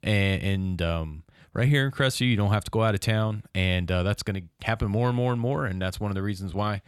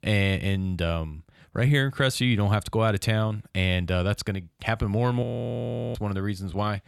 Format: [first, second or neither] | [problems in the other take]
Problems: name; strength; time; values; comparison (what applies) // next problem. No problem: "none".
first | audio freezing; at 5 s for 0.5 s